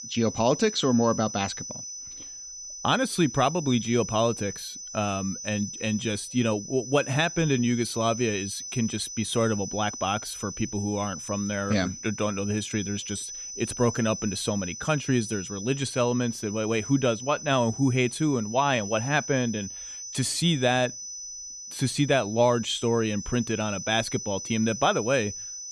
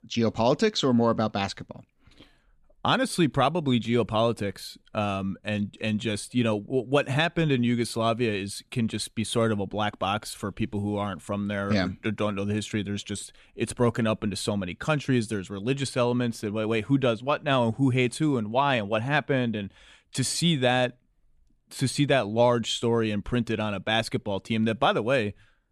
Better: second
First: high-pitched whine; loud; throughout; 6 kHz, 9 dB below the speech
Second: none

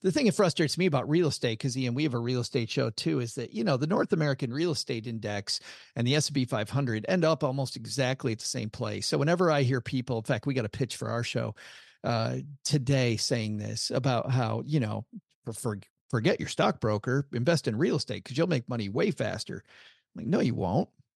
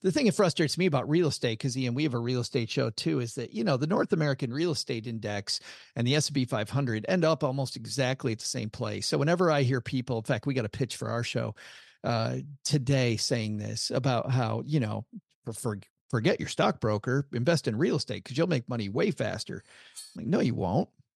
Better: first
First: none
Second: clattering dishes; faint; at 20 s; peak 15 dB below the speech

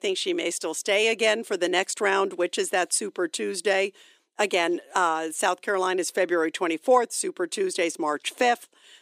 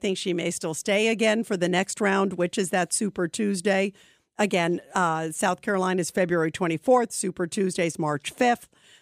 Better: second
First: thin; somewhat; fading below 300 Hz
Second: none

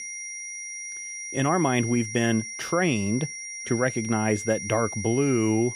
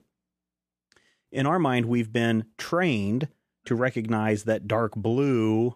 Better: second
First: high-pitched whine; loud; throughout; 2 kHz, 8 dB below the speech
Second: none

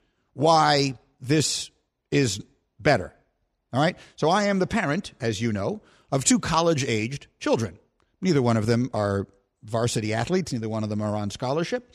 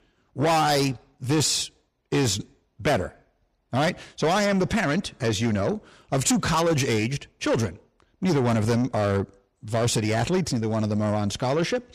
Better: first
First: none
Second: distortion; heavy; 8 dB below the speech

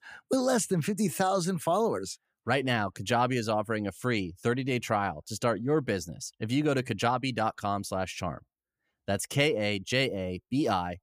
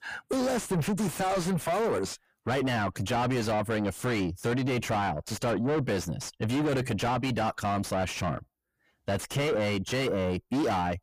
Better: first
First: none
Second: distortion; heavy; 5 dB below the speech

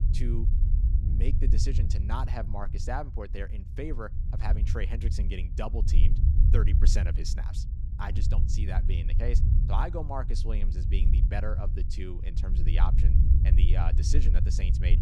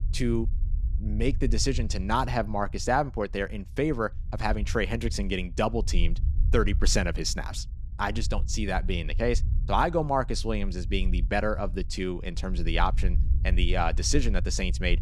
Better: second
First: low rumble; loud; throughout; 6 dB below the speech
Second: low rumble; faint; throughout; 20 dB below the speech

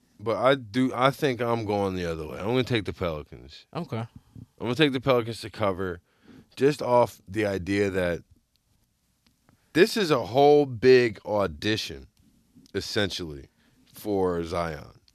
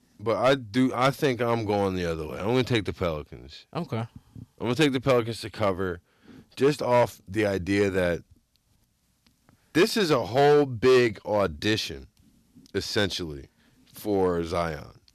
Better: first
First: none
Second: distortion; slight; 2% of the sound clipped

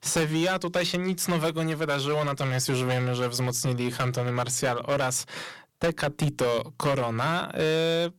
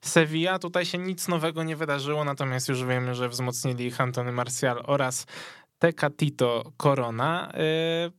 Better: second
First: distortion; heavy; 11% of the sound clipped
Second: none

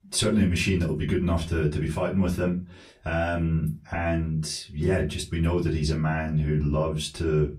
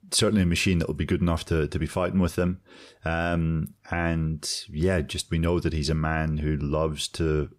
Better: second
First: off-mic speech; far // room echo; very slight; dies away in 0.2 s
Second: none

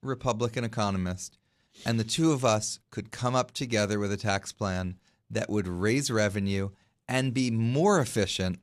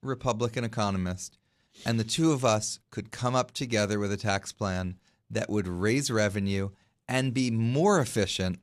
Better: neither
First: none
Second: none

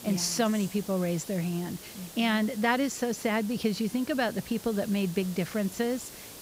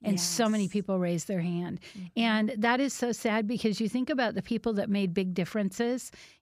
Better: second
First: hiss; noticeable; throughout; 15 dB below the speech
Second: none

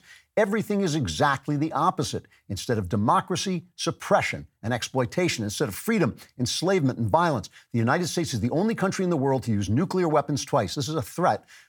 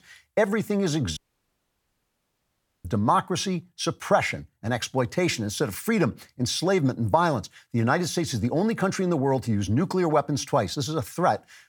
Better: first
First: none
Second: audio cutting out; at 1 s for 1.5 s

